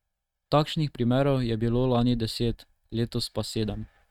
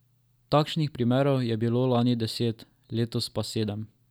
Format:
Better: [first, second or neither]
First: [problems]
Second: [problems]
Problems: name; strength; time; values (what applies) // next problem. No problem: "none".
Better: second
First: noise reduction (neural mask model RNNoise)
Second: none